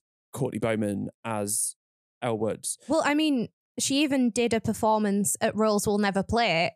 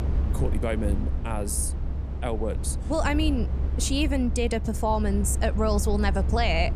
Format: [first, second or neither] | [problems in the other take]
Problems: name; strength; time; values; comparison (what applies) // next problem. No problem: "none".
first | low rumble; noticeable; throughout; 15 dB below the speech